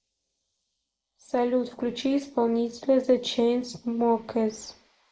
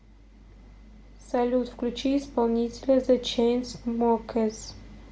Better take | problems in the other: second | noise reduction (neural mask model Resemble Enhance denoiser)

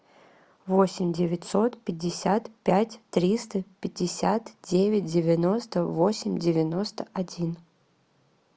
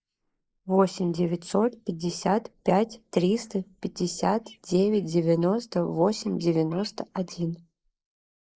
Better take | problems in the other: first | noise reduction (neural mask model Resemble Enhance denoiser)

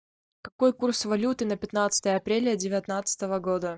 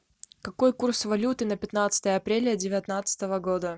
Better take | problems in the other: second | noise reduction (neural mask model DeepFilterNet 3)

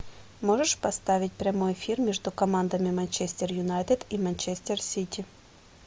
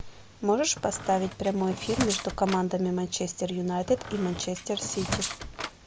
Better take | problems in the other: first | background sound (Squeak); 8 dB below the speech

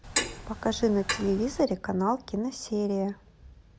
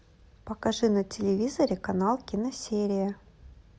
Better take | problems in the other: second | background sound (Clock); 5 dB below the speech

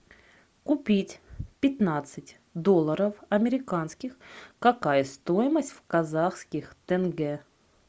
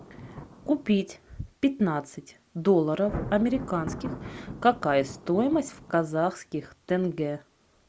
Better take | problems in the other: first | background sound (Thunder); 14 dB below the speech

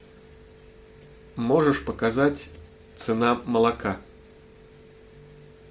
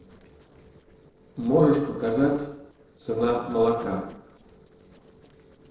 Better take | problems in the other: first | noise reduction (neural separator model SepFormer DNS4)

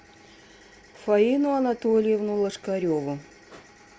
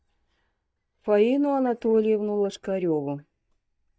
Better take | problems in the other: first | noise reduction (neural mask model DeepFilterNet 3)

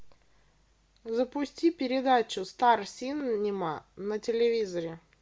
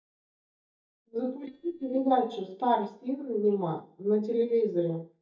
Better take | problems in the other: first | noise reduction (neural mask model DeepFilterNet 3)

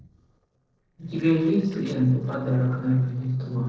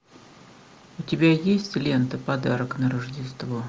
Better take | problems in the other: second | noise reduction (neural separator model SepFormer DNS4)

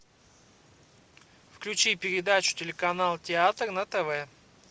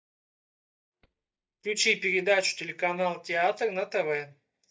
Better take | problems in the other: first | noise reduction (neural mask model DeepFilterNet 3)

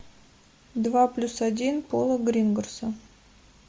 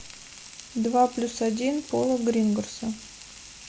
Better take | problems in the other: first | background sound (Frying (food)); 18 dB below the speech

